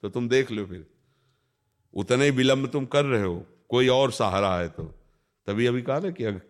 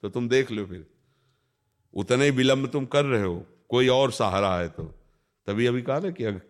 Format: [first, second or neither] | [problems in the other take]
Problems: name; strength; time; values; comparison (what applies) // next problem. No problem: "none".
neither | none